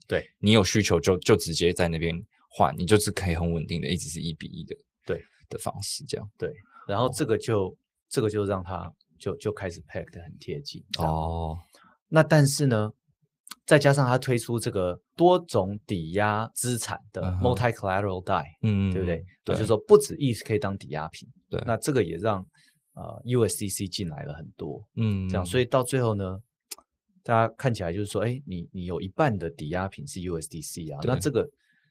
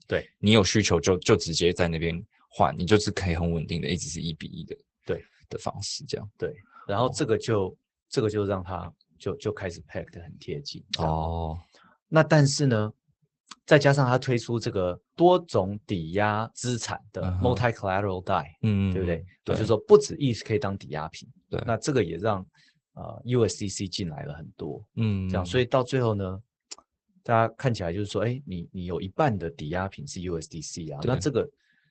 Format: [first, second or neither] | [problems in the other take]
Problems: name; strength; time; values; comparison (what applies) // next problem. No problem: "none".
first | garbled, watery; badly; nothing above 8 kHz; slightly in the first